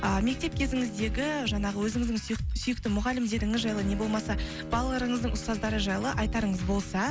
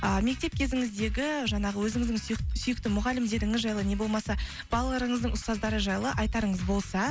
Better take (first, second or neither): second